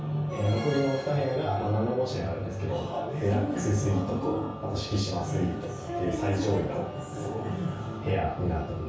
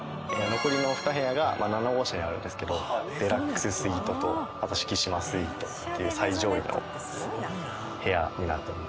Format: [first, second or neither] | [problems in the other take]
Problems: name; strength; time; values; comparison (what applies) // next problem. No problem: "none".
second | room echo; dies away in 0.6 s